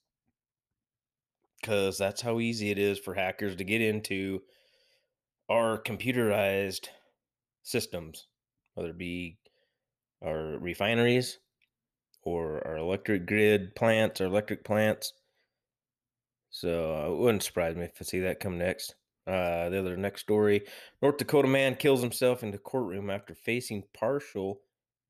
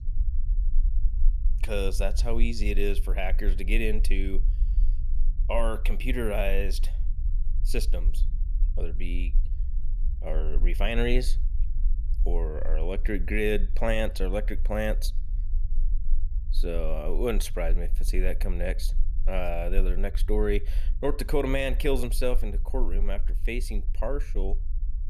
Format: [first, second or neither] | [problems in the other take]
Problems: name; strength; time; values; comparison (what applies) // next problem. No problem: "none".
first | low rumble; faint; throughout; 20 dB below the speech